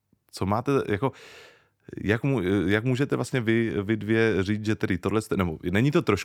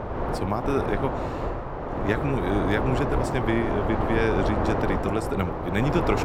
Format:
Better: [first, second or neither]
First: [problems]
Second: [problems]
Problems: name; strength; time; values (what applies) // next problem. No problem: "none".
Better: first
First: none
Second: wind noise on the microphone; heavy; 1 dB above the speech